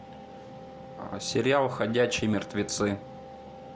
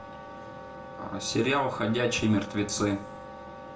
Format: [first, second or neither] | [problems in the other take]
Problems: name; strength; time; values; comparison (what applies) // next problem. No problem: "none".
first | background sound (Wind instrument, woodwind instrument); 17 dB below the speech // room echo; dies away in 0.3 s